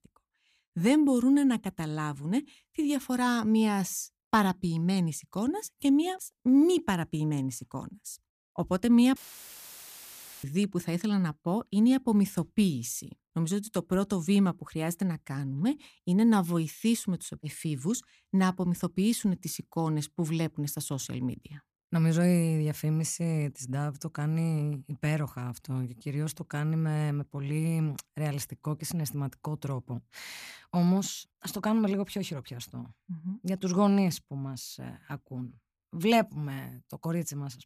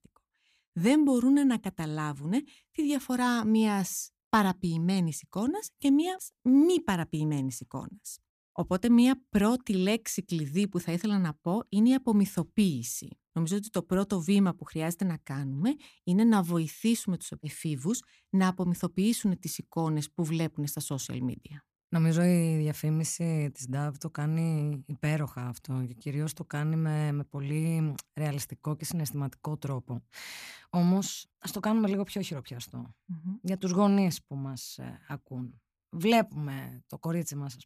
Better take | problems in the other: second | audio cutting out; filled with static; at 9 s for 1.5 s

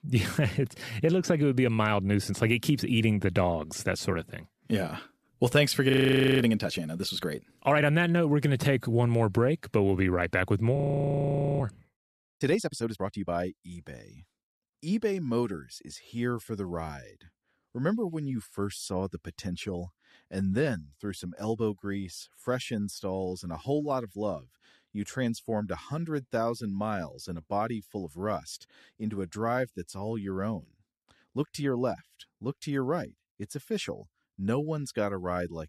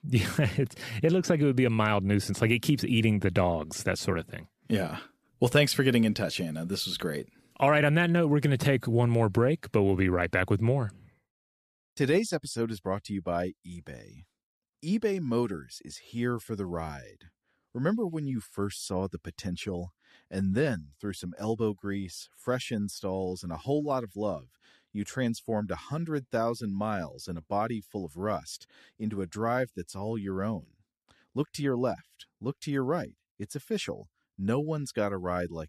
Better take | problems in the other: second | audio freezing; at 6 s for 0.5 s and at 11 s for 1 s

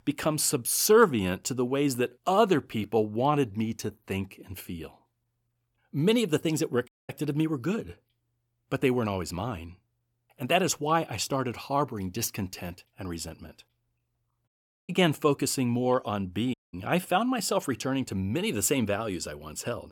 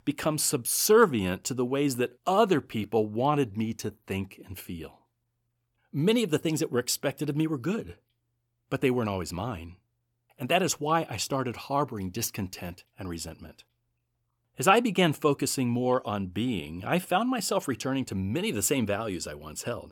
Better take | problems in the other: second | audio cutting out; at 7 s, at 14 s and at 17 s

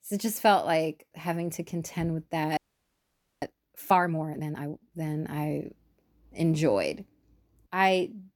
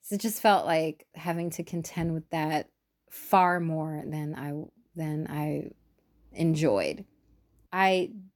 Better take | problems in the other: second | audio freezing; at 2.5 s for 1 s

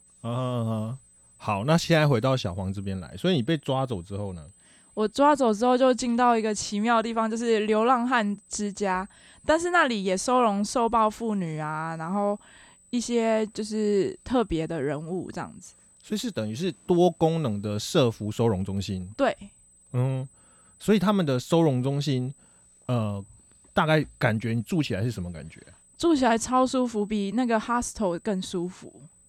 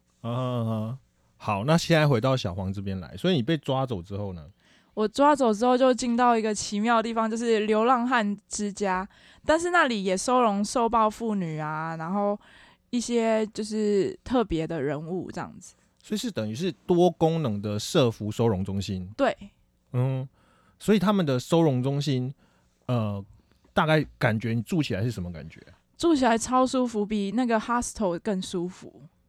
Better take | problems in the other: second | high-pitched whine; faint; throughout; 8 kHz, 30 dB below the speech

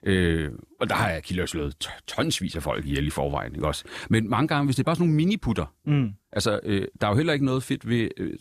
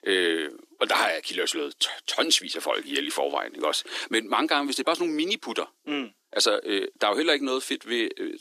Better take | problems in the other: first | thin; somewhat; fading below 300 Hz

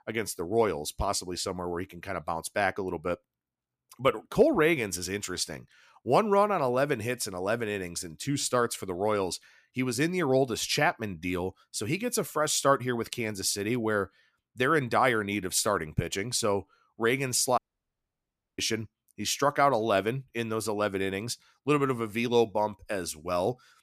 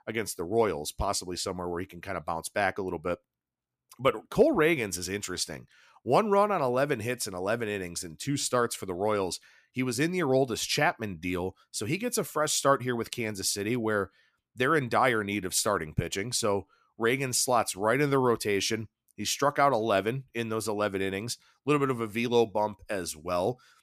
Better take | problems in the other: second | audio cutting out; at 18 s for 1 s

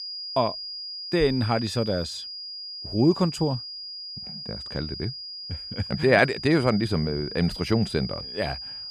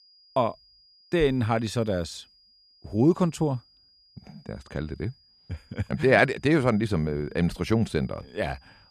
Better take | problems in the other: second | high-pitched whine; loud; throughout; 5 kHz, 9 dB below the speech; faint in the second

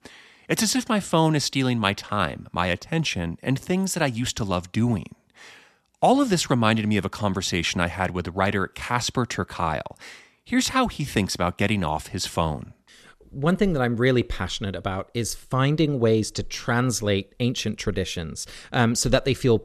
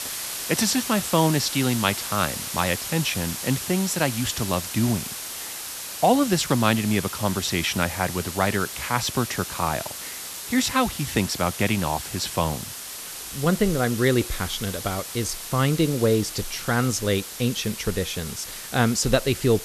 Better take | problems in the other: first | hiss; loud; throughout; 7 dB below the speech

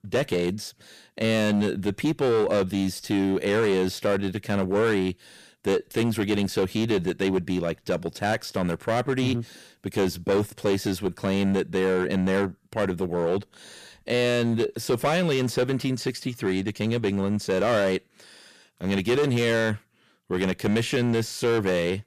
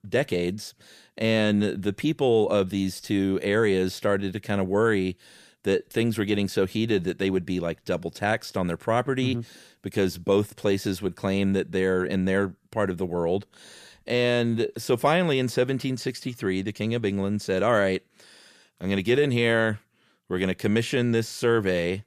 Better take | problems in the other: second | distortion; slight; 10% of the sound clipped

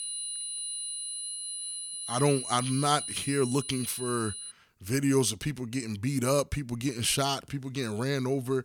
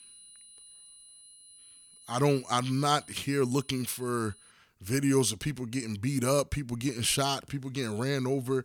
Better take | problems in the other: second | high-pitched whine; loud; until 4.5 s; 9.5 kHz, 5 dB below the speech; faint in the second

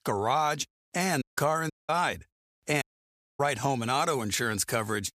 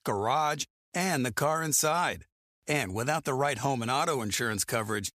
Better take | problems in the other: second | audio cutting out; at 1 s, at 1.5 s and at 3 s for 0.5 s

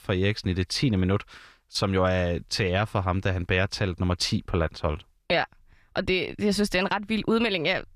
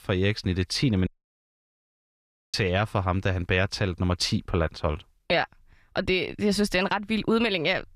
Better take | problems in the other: first | audio cutting out; at 1 s for 1.5 s

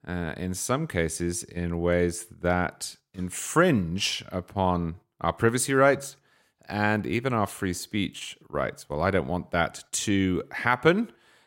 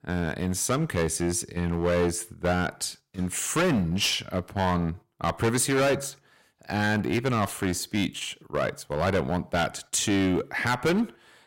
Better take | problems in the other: first | distortion; heavy; 10% of the sound clipped

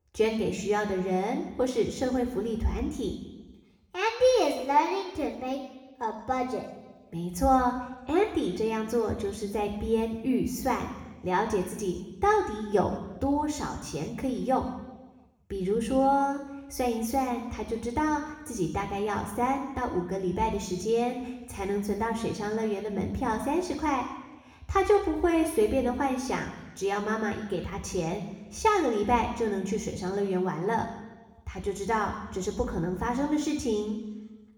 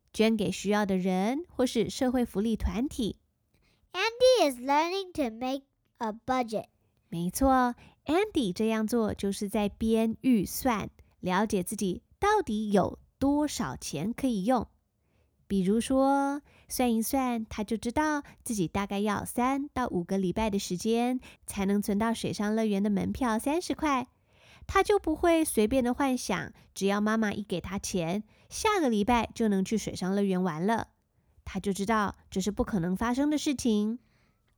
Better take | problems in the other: second | room echo; noticeable; dies away in 1 s // off-mic speech; somewhat distant

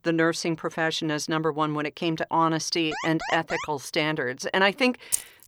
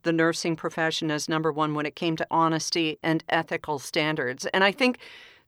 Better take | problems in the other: second | alarm; noticeable; at 3 s; peak 8 dB below the speech // jangling keys; very faint; at 5 s; peak 2 dB below the speech

